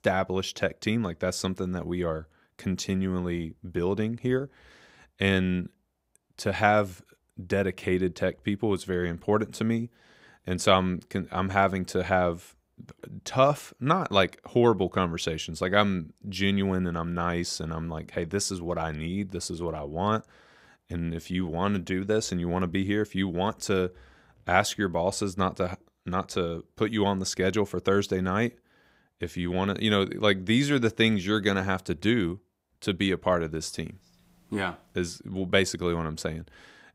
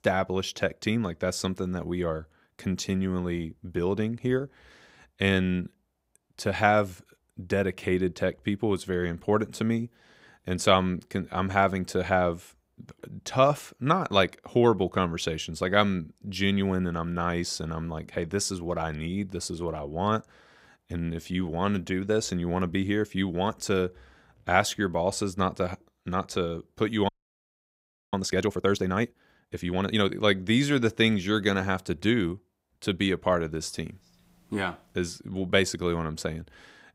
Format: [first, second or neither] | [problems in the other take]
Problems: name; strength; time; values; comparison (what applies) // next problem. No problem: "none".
first | audio freezing; at 27 s for 1 s